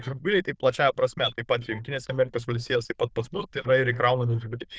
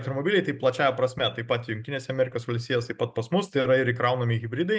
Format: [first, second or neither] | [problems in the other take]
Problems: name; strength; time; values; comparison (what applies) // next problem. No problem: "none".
second | noise reduction (neural diffusion model UNIVERSE++)